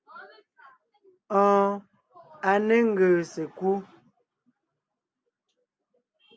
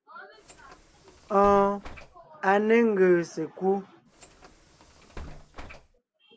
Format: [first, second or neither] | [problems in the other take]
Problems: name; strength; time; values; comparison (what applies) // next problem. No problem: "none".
first | background sound (Bus); 18 dB below the speech